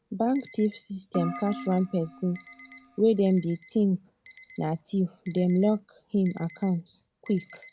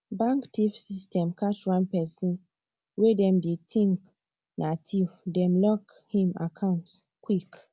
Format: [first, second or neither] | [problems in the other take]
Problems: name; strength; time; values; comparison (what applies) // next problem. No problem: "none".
second | background sound (Keyboard (musical) + Alarm); 17 dB below the speech